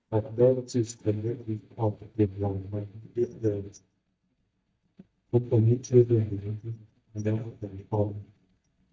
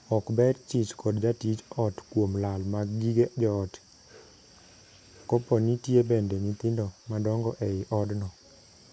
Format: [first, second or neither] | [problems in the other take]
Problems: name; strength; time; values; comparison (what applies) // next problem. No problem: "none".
second | noise reduction (neural mask model DeepFilterNet 3)